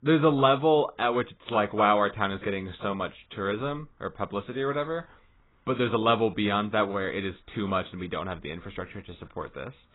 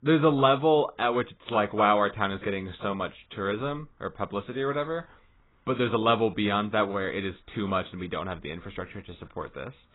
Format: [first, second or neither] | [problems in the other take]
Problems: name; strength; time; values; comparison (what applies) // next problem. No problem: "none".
neither | garbled, watery; badly; nothing above 4 kHz; the same in both